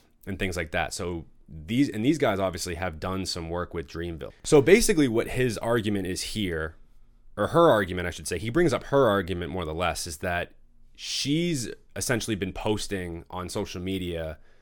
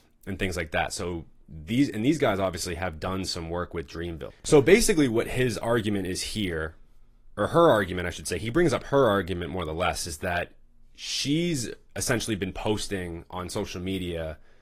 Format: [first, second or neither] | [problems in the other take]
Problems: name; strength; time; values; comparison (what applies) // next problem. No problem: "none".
first | garbled, watery; slightly; nothing above 14.5 kHz